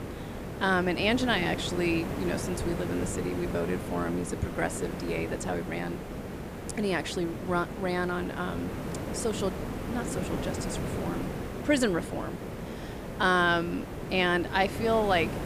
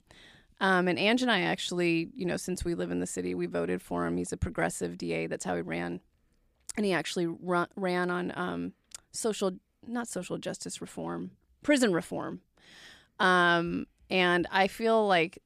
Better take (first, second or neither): second